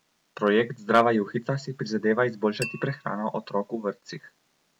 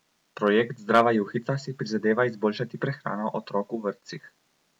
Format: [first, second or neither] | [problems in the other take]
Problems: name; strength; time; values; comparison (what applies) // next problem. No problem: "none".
second | background sound (Tap / Glass); 15 dB below the speech